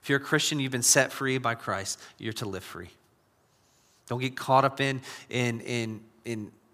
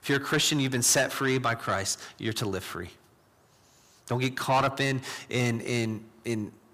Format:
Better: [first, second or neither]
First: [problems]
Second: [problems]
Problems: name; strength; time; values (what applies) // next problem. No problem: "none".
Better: first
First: none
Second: distortion; heavy; 7 dB below the speech